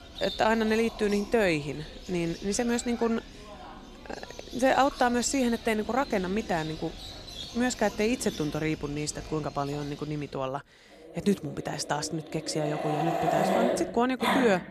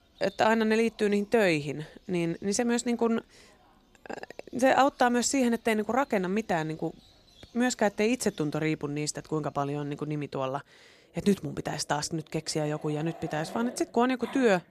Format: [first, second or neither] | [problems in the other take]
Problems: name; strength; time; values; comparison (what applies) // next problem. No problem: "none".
second | animal sounds; loud; throughout; 7 dB below the speech; faint in the second